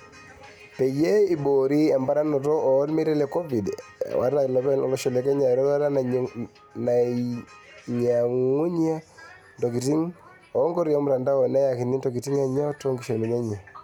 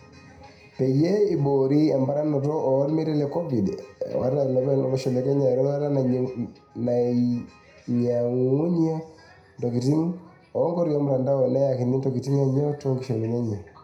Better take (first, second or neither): first